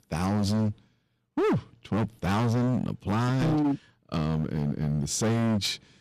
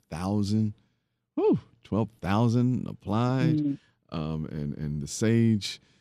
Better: second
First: distortion; heavy; 20% of the sound clipped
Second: none

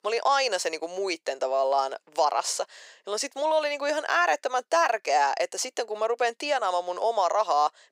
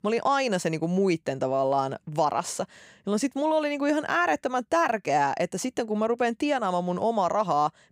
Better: second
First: thin; very; fading below 450 Hz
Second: none

